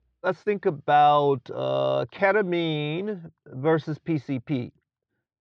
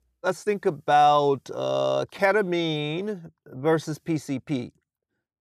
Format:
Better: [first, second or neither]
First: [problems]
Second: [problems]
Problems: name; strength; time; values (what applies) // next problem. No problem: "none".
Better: second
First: muffled; slightly; fading above 4 kHz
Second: none